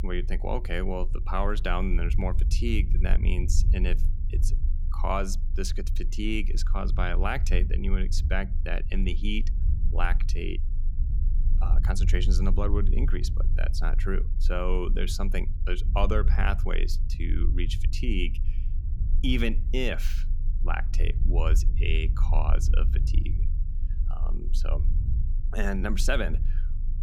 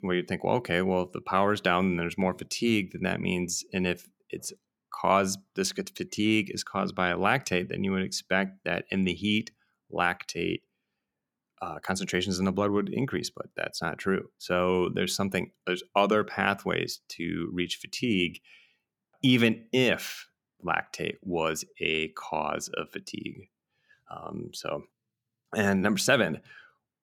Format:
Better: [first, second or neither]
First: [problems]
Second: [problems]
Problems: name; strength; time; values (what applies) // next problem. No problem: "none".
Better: second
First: low rumble; noticeable; throughout; 15 dB below the speech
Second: none